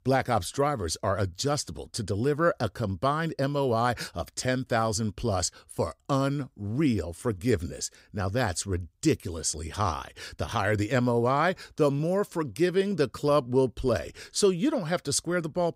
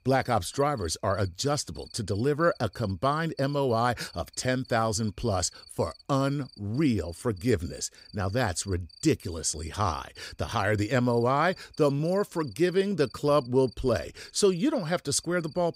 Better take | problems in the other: first | animal sounds; faint; throughout; 25 dB below the speech

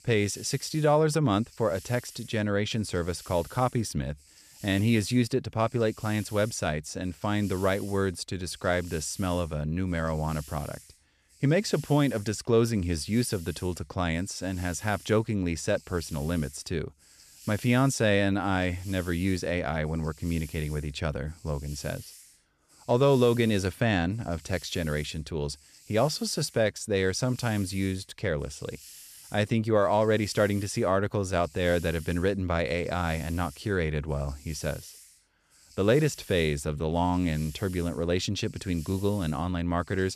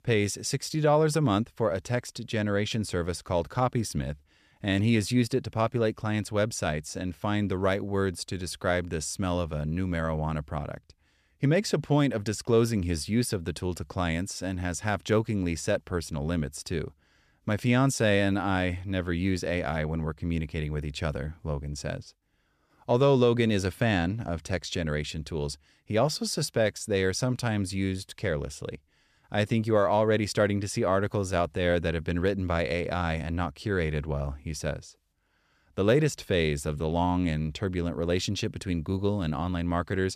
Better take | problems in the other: second | hiss; faint; throughout; 20 dB below the speech

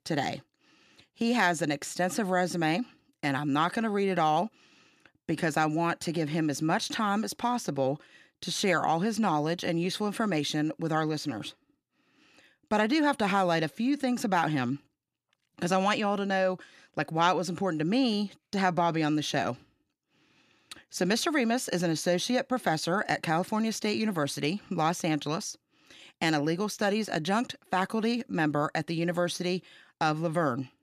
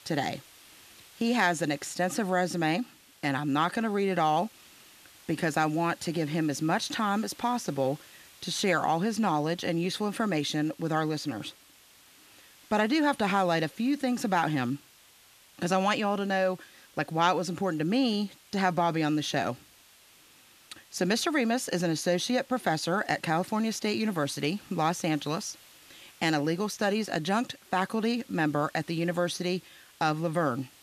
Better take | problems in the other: first | hiss; faint; throughout; 25 dB below the speech

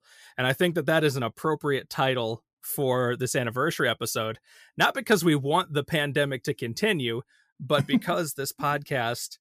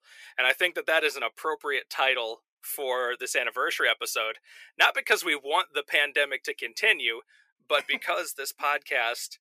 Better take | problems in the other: first | thin; very; fading below 450 Hz

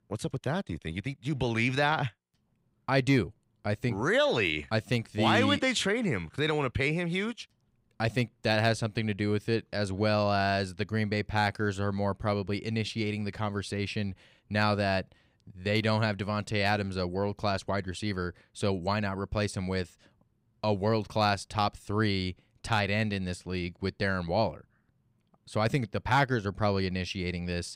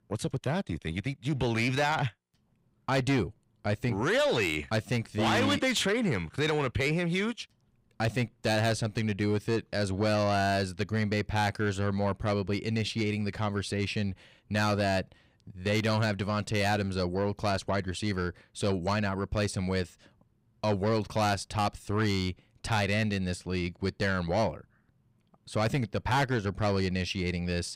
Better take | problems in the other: first | distortion; slight; 10 dB below the speech

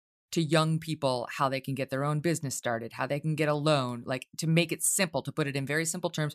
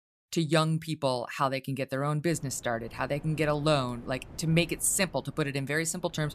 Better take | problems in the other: first | wind noise on the microphone; occasional gusts; from 2.5 s on; 25 dB below the speech

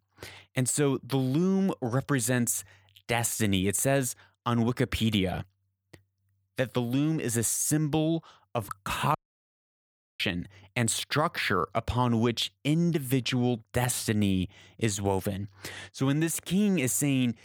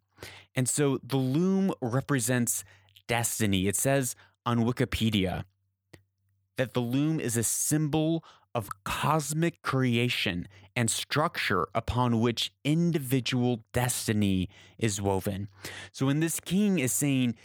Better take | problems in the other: second | audio cutting out; at 9 s for 1 s

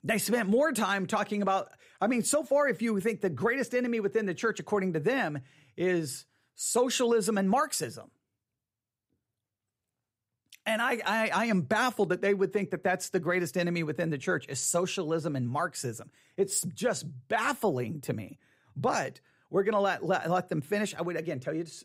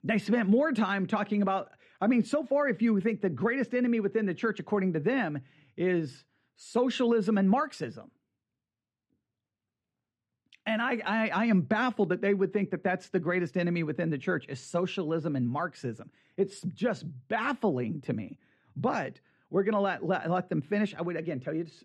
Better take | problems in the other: first | muffled; slightly; fading above 3 kHz

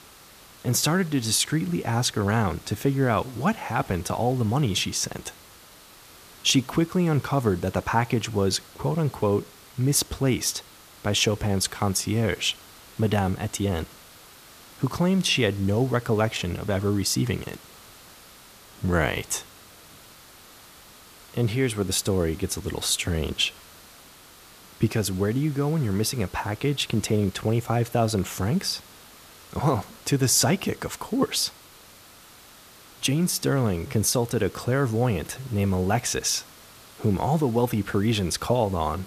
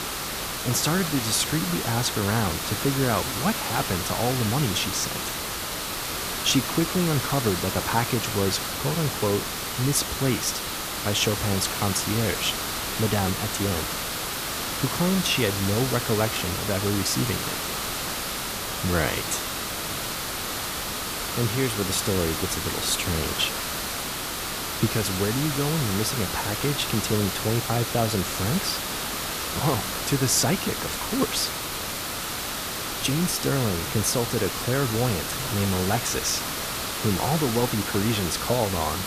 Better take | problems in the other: first | hiss; loud; throughout; 2 dB below the speech; faint in the first

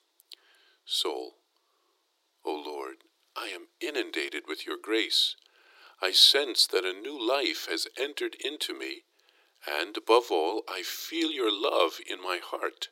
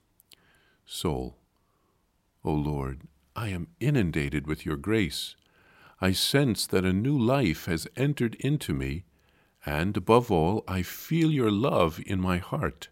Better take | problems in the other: second | thin; very; fading below 350 Hz

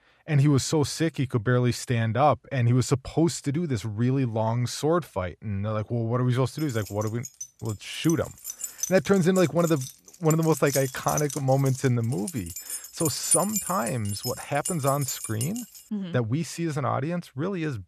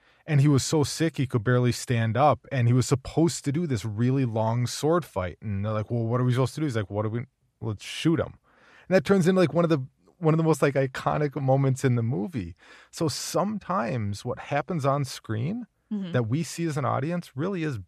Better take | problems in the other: second | jangling keys; loud; from 7.5 to 16 s; peak 3 dB above the speech

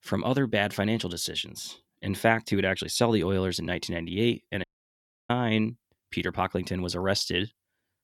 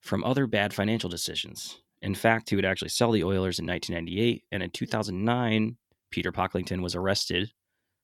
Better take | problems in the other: second | audio cutting out; at 4.5 s for 0.5 s

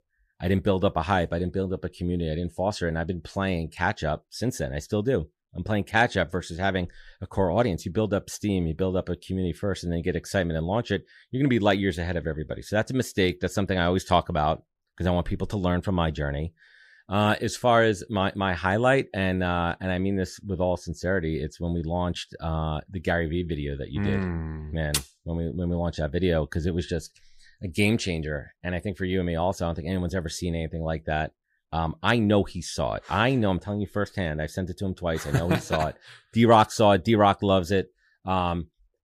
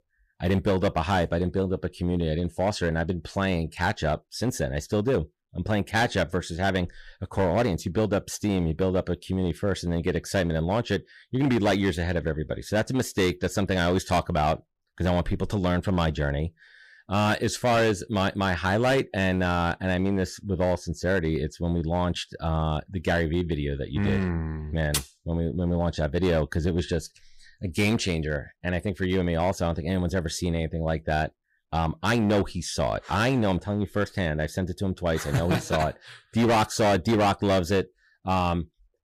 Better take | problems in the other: first | distortion; slight; 7% of the sound clipped

